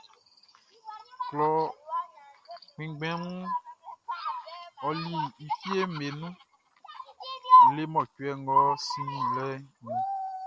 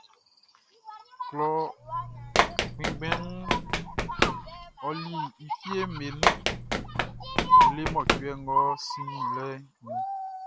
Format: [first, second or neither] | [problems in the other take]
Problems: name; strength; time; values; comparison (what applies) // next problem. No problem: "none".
first | background sound (Run); 1 dB below the speech